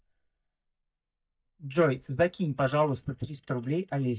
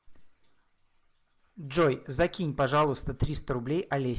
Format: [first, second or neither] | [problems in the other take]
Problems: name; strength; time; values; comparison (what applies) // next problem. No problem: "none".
second | noise reduction (neural mask model DeepFilterNet 3)